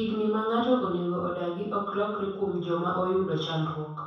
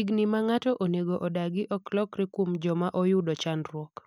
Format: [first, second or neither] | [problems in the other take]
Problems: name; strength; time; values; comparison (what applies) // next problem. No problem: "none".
second | room echo; dies away in 0.7 s